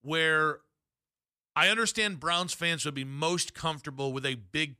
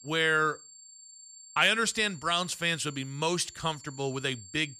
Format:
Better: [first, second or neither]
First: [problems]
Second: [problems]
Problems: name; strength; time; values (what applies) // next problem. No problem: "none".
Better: first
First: none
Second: high-pitched whine; noticeable; throughout; 7.5 kHz, 20 dB below the speech